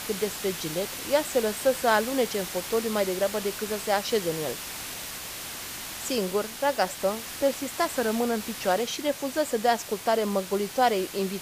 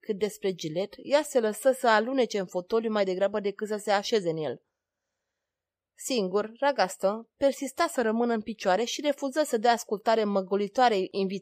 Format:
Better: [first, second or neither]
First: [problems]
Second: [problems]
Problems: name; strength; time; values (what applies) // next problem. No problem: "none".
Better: second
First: hiss; loud; throughout; 7 dB below the speech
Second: none